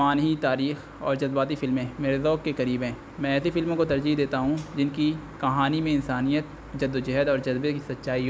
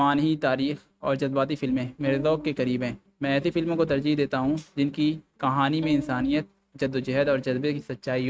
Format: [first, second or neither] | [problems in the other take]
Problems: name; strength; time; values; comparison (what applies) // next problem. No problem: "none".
first | noise reduction (neural mask model RNNoise)